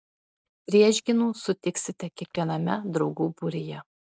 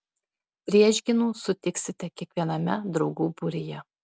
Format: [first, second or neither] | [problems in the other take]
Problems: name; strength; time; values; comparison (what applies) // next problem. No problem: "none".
second | noise reduction (neural mask model DeepFilterNet 3)